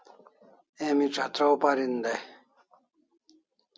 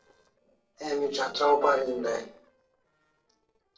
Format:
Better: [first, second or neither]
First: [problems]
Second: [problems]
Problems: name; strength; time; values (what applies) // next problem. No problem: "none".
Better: first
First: none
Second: noise reduction (neural separator model SepFormer DNS4)